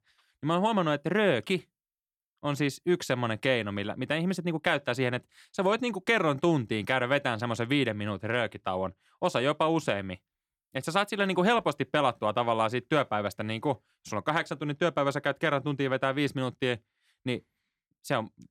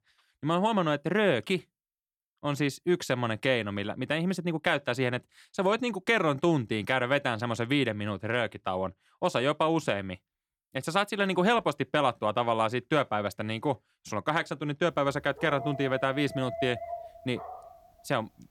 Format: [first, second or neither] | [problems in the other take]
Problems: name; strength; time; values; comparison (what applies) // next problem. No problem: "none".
first | dog barking; noticeable; from 15 to 18 s; peak 8 dB below the speech